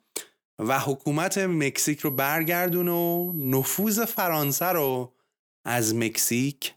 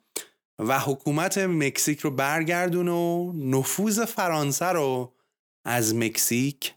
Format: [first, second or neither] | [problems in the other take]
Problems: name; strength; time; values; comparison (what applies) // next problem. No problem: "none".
second | high-pitched whine; loud; from 2 to 5 s; 12 kHz, 5 dB below the speech; faint in the second